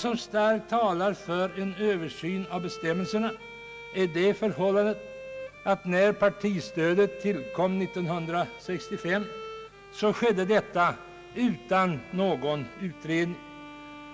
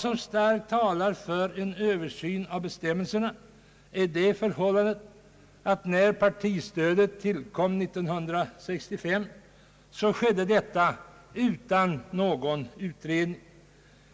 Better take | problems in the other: second | background sound (Bowed string instrument); 16 dB below the speech

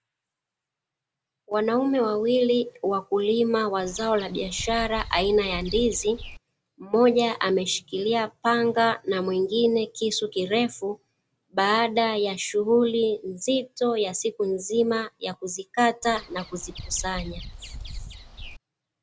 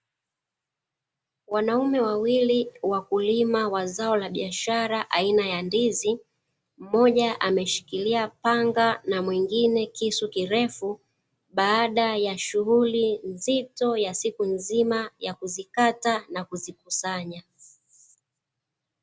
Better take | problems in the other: second | background sound (Bird vocalization, bird call, bird song); 13 dB below the speech

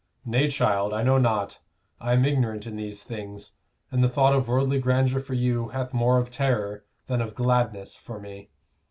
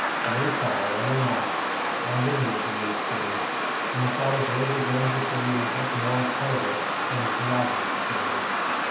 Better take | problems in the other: first | background sound (Cricket); 2 dB above the speech // room echo; dies away in 0.8 s

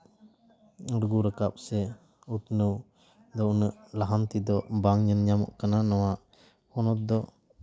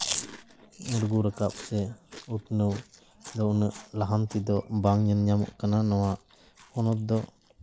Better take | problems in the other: first | background sound (Chewing, mastication); 15 dB below the speech

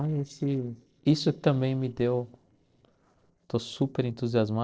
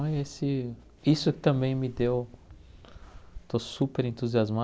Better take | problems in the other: second | noise reduction (neural separator model SepFormer DNS4)

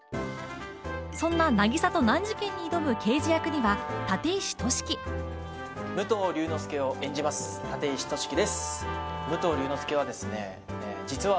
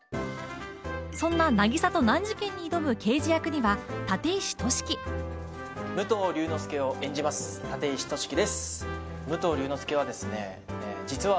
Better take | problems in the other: second | background sound (Guitar); 12 dB below the speech

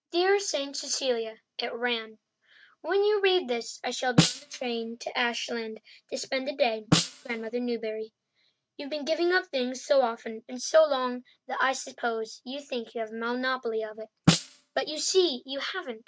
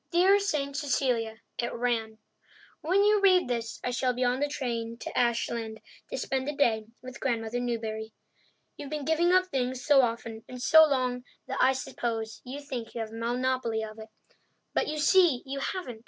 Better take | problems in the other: second | noise reduction (neural mask model RNNoise)

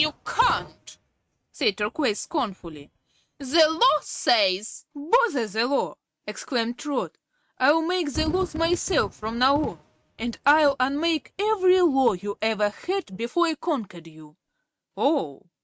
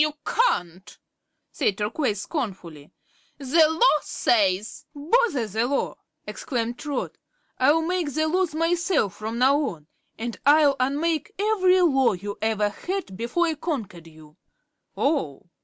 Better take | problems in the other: second | noise reduction (neural mask model RNNoise)

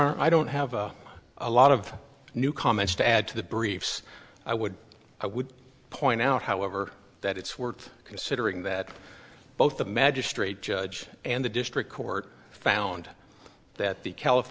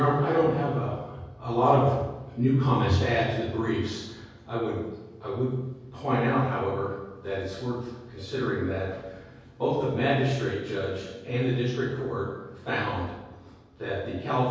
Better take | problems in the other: first | room echo; dies away in 1.3 s

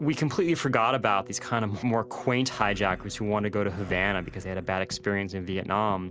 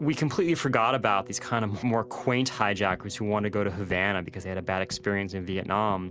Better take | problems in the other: second | background sound (Animal); 18 dB below the speech

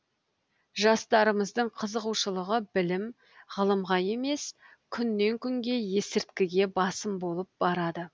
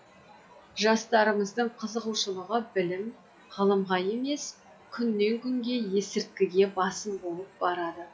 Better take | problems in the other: first | noise reduction (classical method WPE with log-MMSE)

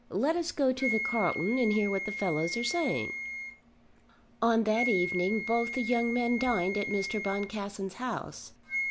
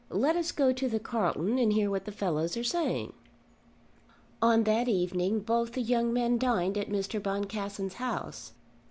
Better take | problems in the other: second | background sound (Wind instrument, woodwind instrument); 7 dB below the speech

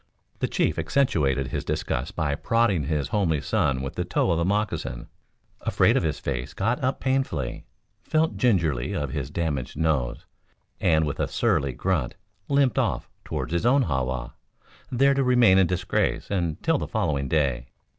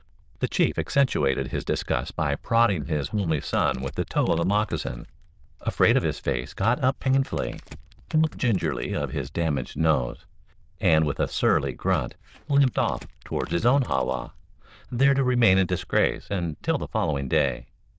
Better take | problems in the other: first | noise reduction (neural diffusion model UNIVERSE++)

